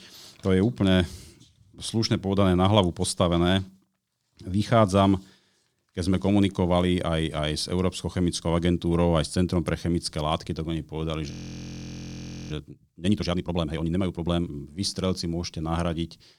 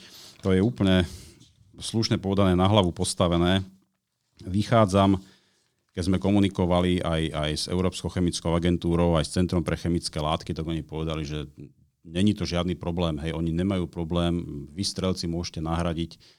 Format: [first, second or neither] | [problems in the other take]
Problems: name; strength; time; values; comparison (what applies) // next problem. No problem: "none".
second | audio freezing; at 11 s for 1 s